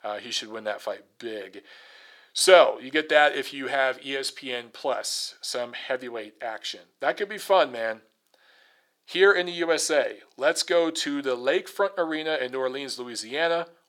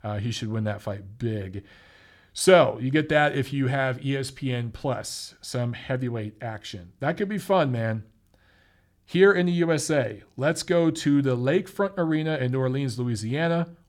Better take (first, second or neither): second